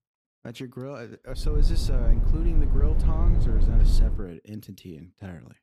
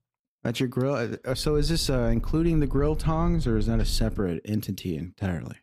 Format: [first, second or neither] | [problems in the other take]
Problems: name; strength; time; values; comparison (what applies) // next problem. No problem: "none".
second | low rumble; loud; from 1.5 to 4 s; 2 dB below the speech; faint in the second